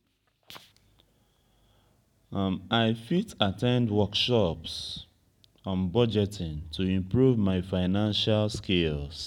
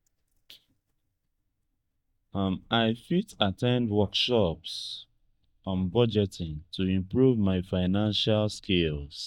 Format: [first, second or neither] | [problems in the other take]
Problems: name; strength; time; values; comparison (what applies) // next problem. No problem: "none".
first | noise reduction (neural mask model DeepFilterNet 3)